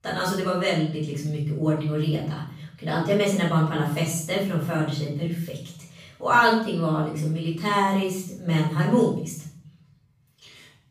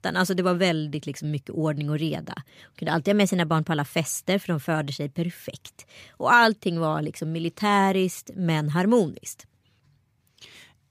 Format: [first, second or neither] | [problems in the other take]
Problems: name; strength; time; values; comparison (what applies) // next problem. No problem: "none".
second | off-mic speech; far // room echo; noticeable; dies away in 0.6 s